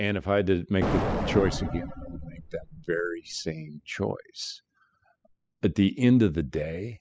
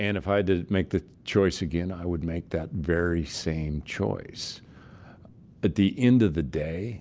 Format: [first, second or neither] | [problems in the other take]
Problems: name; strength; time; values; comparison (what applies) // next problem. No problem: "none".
second | noise reduction (classical method spectral subtraction)